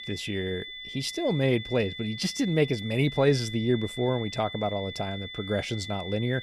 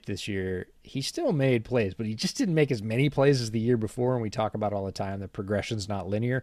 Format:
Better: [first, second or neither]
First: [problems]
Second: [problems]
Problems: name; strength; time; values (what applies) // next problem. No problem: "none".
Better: second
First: high-pitched whine; loud; throughout; 3.5 kHz, 10 dB below the speech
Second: none